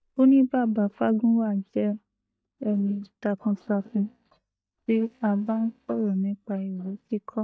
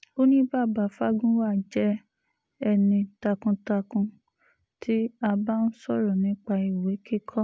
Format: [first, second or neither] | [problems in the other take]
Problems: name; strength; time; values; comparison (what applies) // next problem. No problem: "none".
second | noise reduction (neural mask model DeepFilterNet 3)